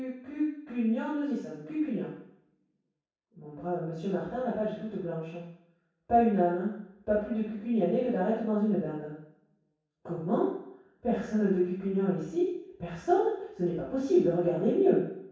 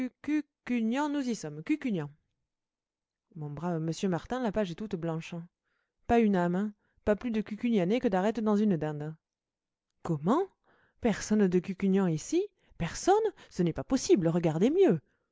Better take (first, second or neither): second